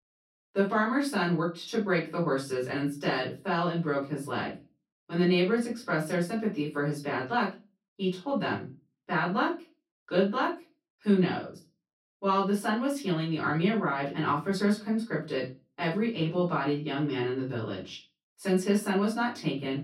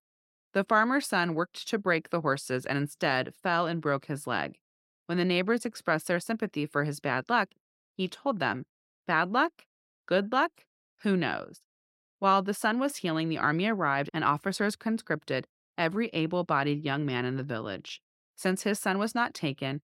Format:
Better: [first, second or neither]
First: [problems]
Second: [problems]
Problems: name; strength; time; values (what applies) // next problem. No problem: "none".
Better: second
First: off-mic speech; far // room echo; slight; dies away in 0.3 s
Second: none